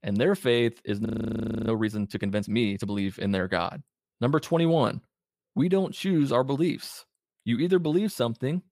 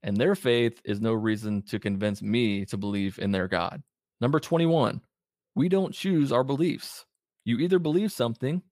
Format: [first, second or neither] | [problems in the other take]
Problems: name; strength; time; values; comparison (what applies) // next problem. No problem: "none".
second | audio freezing; at 1 s for 0.5 s